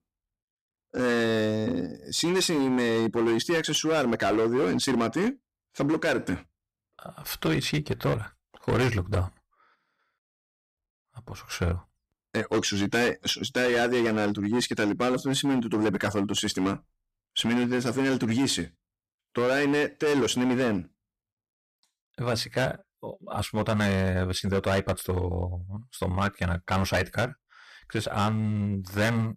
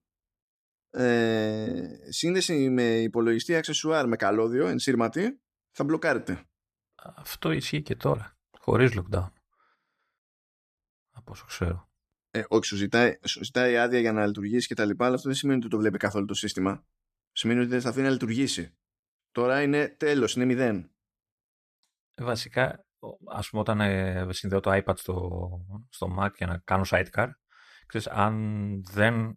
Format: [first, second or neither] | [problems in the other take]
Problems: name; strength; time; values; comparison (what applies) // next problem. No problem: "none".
second | distortion; heavy; 11% of the sound clipped